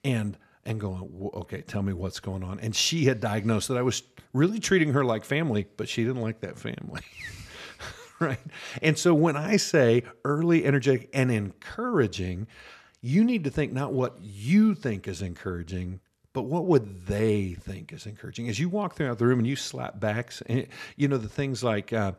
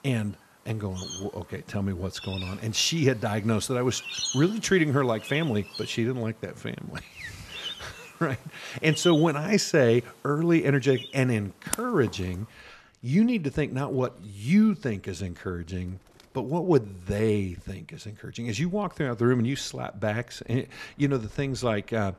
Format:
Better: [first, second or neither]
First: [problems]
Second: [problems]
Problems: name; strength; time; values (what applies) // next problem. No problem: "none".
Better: first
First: none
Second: animal sounds; noticeable; throughout; 10 dB below the speech